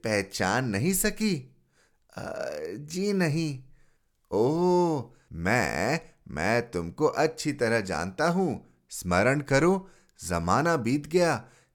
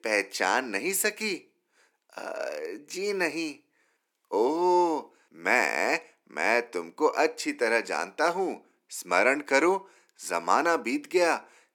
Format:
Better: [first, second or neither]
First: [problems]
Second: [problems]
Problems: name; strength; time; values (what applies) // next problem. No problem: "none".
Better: first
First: none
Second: thin; somewhat; fading below 250 Hz